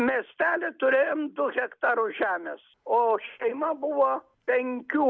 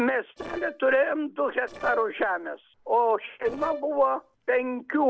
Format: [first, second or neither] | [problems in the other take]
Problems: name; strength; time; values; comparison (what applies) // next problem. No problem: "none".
first | noise reduction (neural separator model SepFormer DNS4)